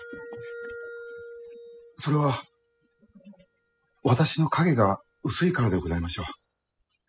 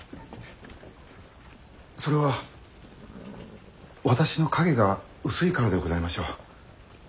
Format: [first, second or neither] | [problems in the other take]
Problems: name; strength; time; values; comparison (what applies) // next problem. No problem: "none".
second | noise reduction (classical method spectral subtraction)